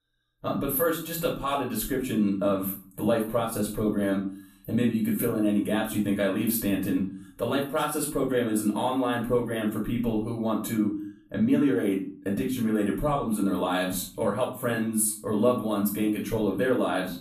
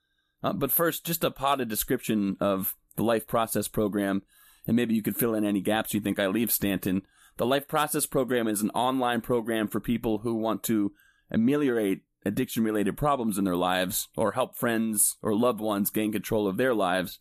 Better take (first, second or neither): second